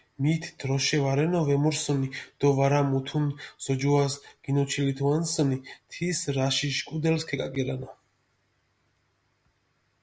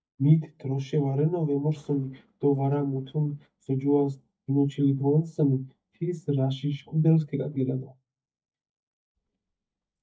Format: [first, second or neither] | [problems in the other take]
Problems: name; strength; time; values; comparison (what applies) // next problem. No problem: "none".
first | noise reduction (neural mask model DeepFilterNet 3)